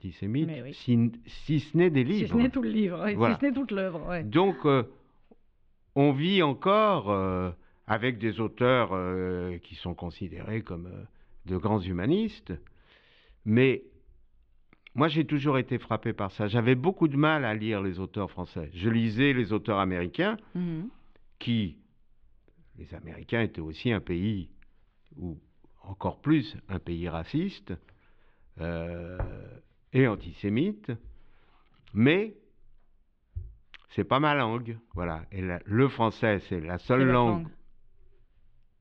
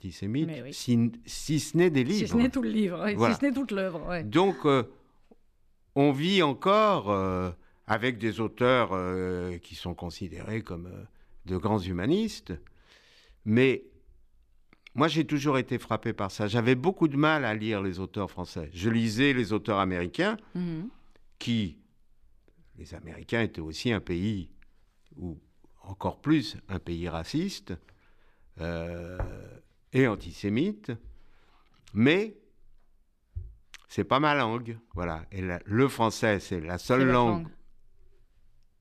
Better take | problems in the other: second | muffled; slightly; fading above 3.5 kHz

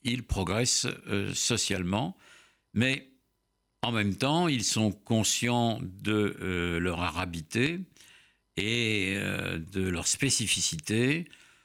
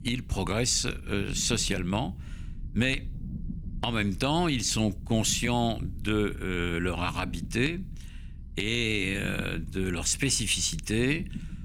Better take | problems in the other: first | low rumble; faint; throughout; 25 dB below the speech

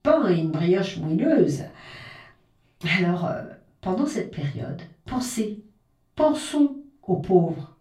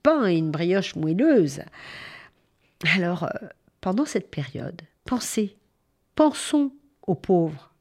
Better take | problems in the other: second | off-mic speech; far // room echo; slight; dies away in 0.2 s

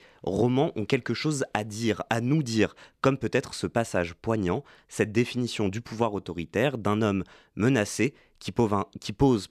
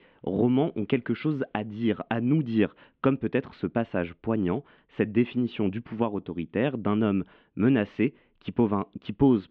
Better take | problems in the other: first | muffled; very; fading above 3 kHz

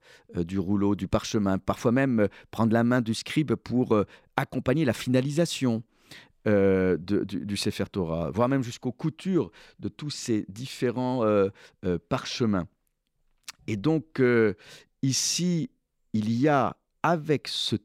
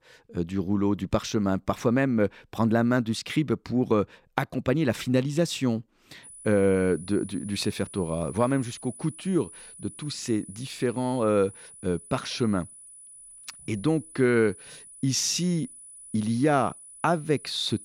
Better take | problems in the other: first | high-pitched whine; noticeable; from 6 s on; 10 kHz, 15 dB below the speech

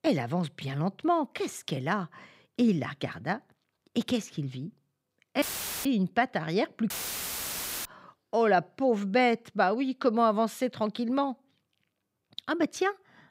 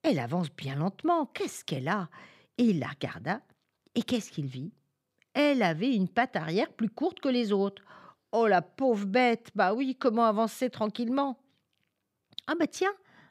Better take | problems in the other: second | audio cutting out; filled with static; at 5.5 s and at 7 s for 1 s

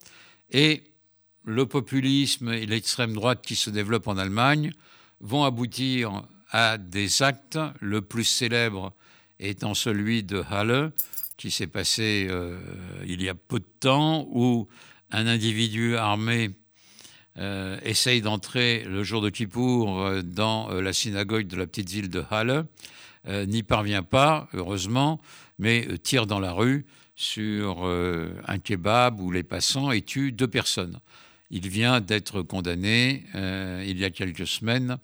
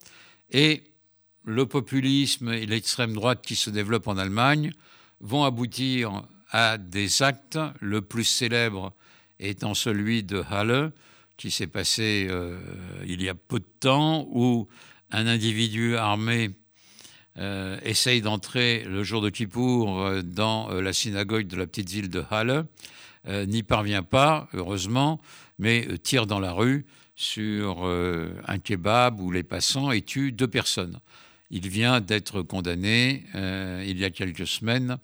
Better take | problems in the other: second | jangling keys; noticeable; at 11 s; peak 3 dB below the speech

